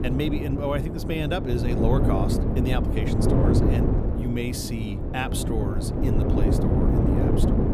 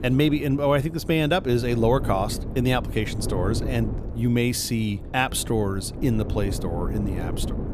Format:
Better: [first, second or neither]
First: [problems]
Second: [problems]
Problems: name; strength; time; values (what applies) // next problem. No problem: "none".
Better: second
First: wind noise on the microphone; heavy; 1 dB above the speech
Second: wind noise on the microphone; occasional gusts; 15 dB below the speech